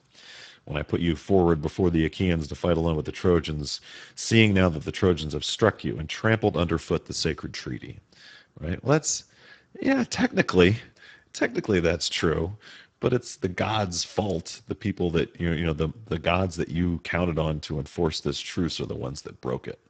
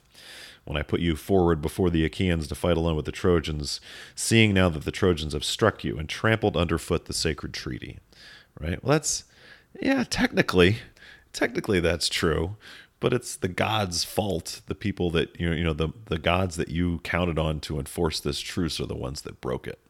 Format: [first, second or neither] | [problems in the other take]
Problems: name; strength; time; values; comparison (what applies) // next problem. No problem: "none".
second | garbled, watery; badly; nothing above 7.5 kHz